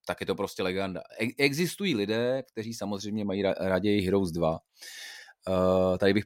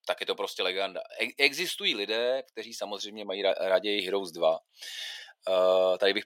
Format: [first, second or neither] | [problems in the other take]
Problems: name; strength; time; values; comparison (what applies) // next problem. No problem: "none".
first | thin; very; fading below 500 Hz